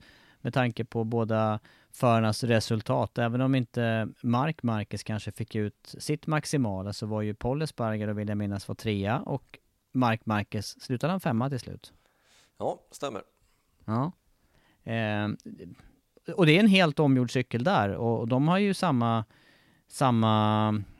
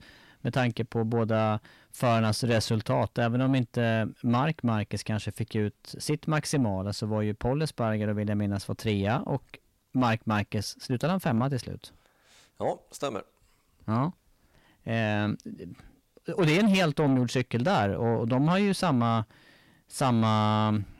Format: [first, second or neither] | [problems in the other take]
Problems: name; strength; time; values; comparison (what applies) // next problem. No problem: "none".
first | distortion; slight; 10 dB below the speech